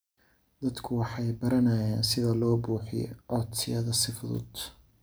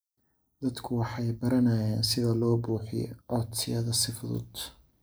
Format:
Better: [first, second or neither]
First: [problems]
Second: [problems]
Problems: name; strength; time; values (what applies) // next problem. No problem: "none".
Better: first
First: none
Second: noise reduction (neural mask model Resemble Enhance denoiser)